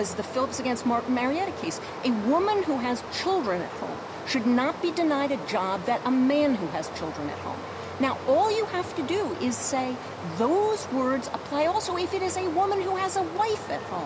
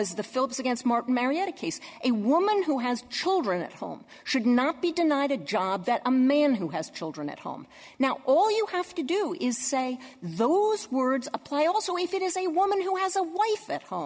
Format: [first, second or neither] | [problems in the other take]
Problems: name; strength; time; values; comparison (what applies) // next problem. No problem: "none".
second | background sound (Stream); 10 dB below the speech